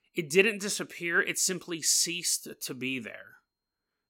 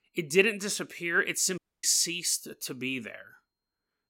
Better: first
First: none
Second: audio cutting out; at 1.5 s

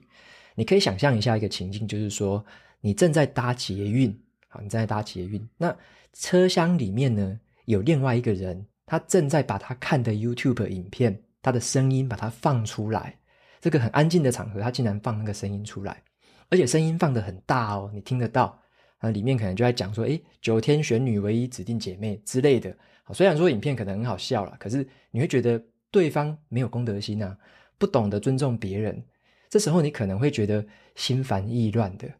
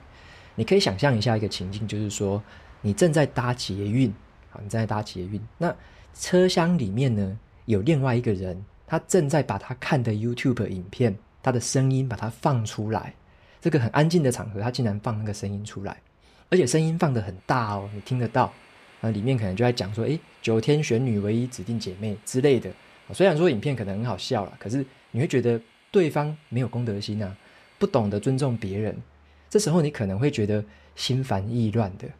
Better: first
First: none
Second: train or aircraft noise; faint; throughout; 30 dB below the speech

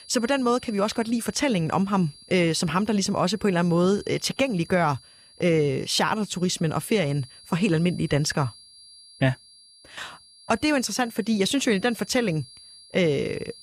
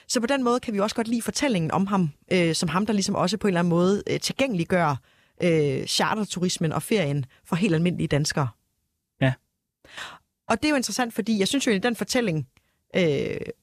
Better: second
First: high-pitched whine; faint; throughout; 4.5 kHz, 20 dB below the speech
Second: none

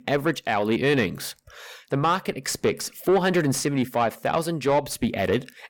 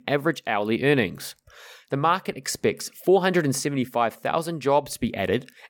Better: second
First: distortion; slight; 10 dB below the speech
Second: none

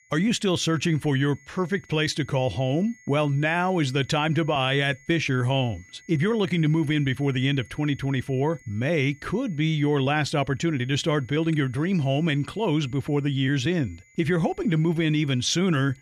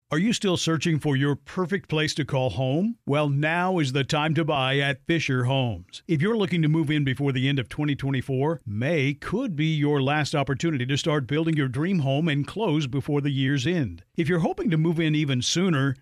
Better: second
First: high-pitched whine; faint; throughout; 2 kHz, 30 dB below the speech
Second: none

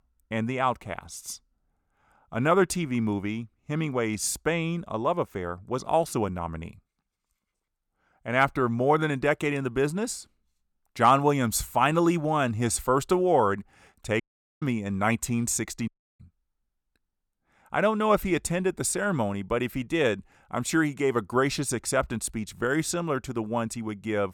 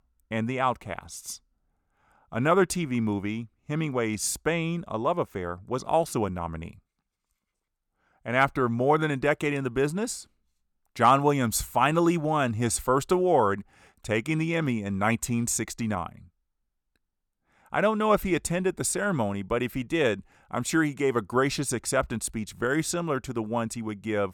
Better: second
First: audio cutting out; at 14 s and at 16 s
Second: none

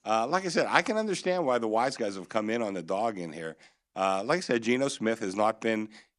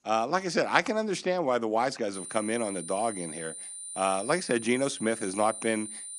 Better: first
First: none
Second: high-pitched whine; loud; from 2 s on; 9 kHz, 9 dB below the speech

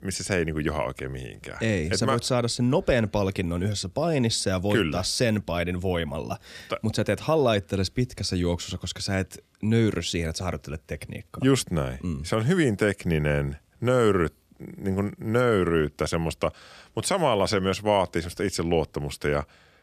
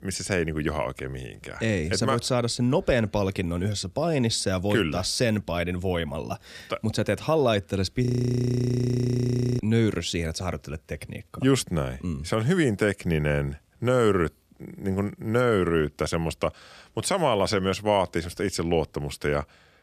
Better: first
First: none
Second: audio freezing; at 8 s for 1.5 s

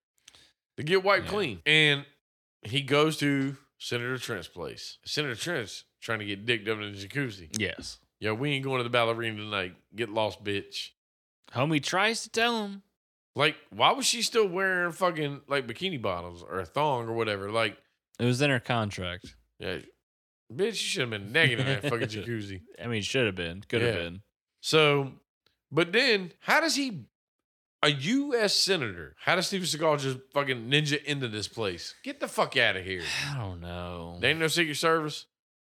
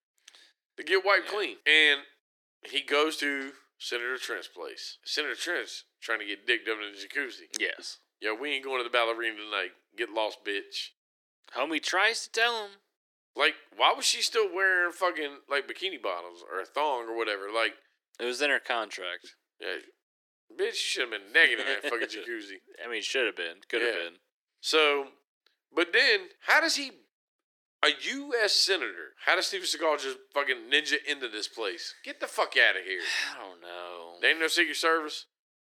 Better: first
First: none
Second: thin; very; fading below 350 Hz

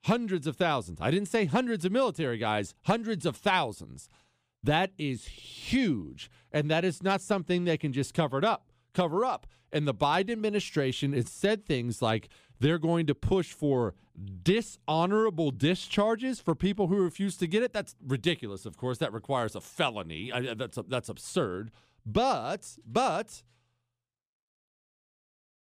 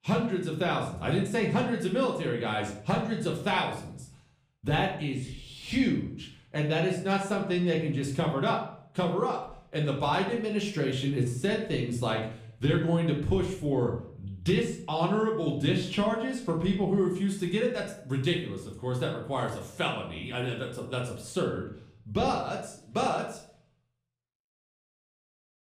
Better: first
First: none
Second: room echo; slight; dies away in 0.5 s // off-mic speech; far

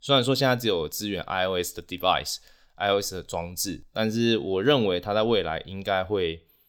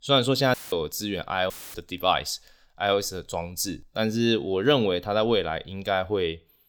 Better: first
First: none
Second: audio cutting out; filled with static; at 0.5 s and at 1.5 s

